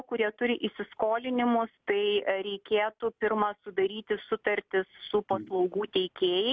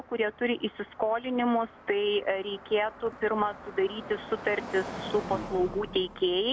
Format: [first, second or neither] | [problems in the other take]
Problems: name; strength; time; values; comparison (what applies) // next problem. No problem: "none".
first | background sound (Car passing by); 14 dB below the speech